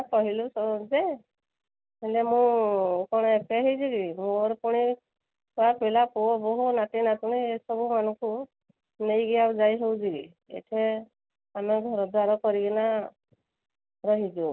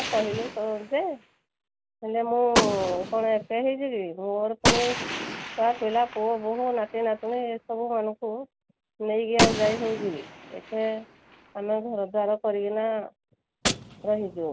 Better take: first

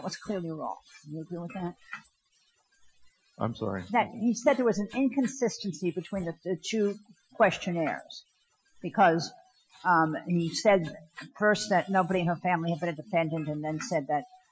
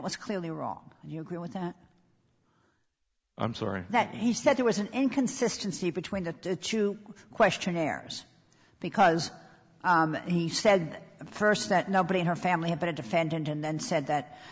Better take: second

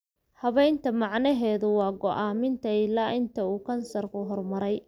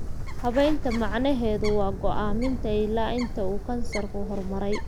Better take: first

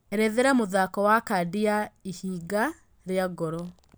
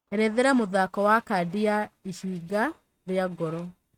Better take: first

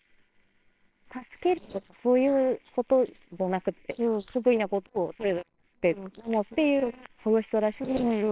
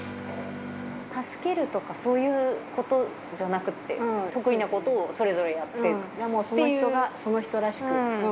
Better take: second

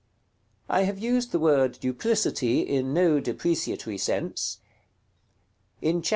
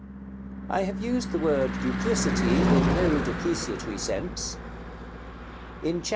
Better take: first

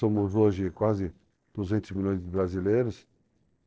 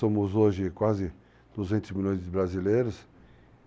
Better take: second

